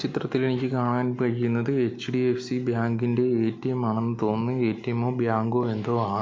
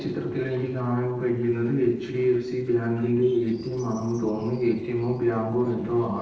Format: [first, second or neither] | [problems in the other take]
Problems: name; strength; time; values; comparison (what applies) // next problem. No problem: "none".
first | noise reduction (neural separator model SepFormer DNS4)